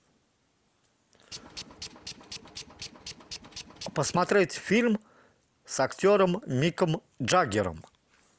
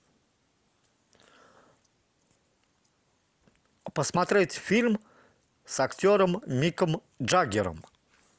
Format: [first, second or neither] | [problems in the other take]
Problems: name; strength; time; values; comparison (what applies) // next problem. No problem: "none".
second | background sound (Tools); 14 dB below the speech